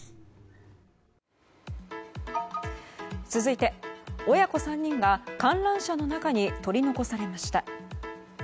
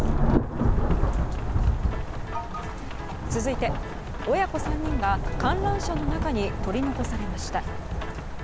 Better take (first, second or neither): first